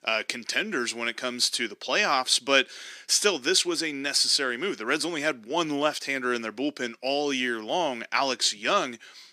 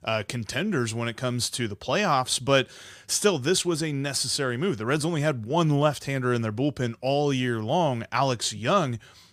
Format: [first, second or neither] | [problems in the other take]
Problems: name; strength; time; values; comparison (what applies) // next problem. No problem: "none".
second | thin; very slightly; fading below 250 Hz